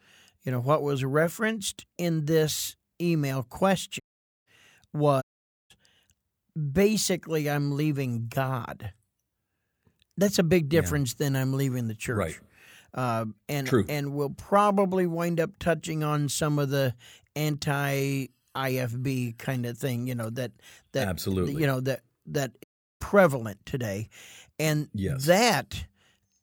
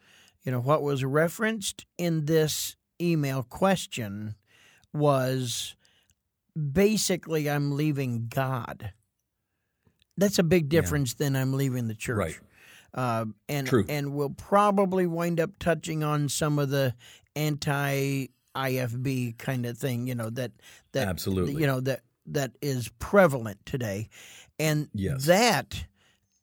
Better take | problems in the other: second | audio cutting out; at 4 s, at 5 s and at 23 s

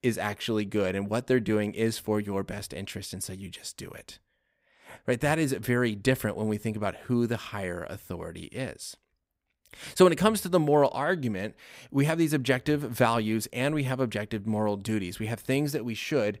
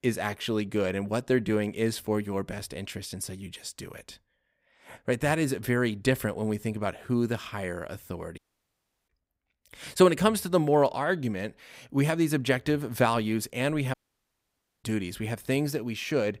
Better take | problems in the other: first | audio cutting out; at 8.5 s for 0.5 s and at 14 s for 1 s

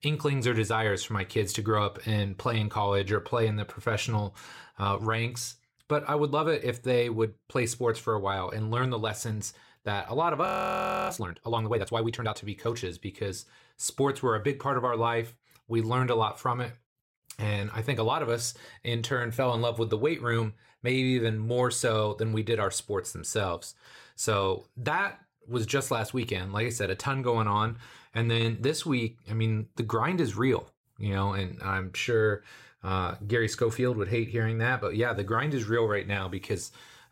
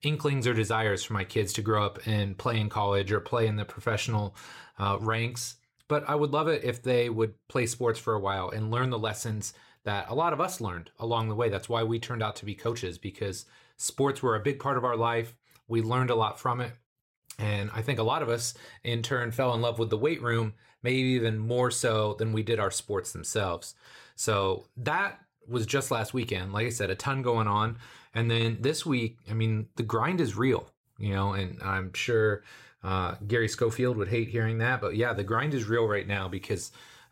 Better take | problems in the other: second | audio freezing; at 10 s for 0.5 s

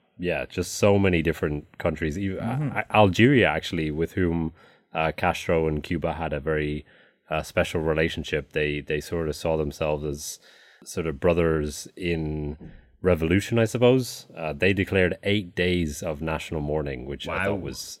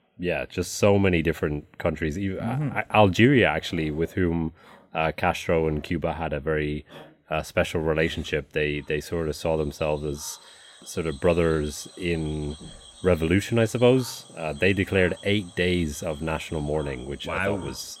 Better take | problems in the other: first | animal sounds; faint; throughout; 20 dB below the speech

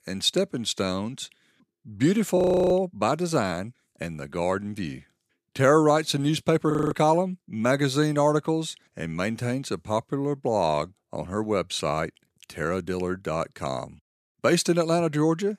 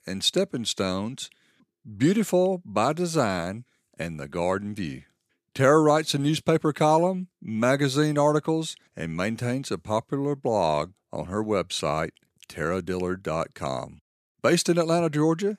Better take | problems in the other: second | audio freezing; at 2.5 s and at 6.5 s

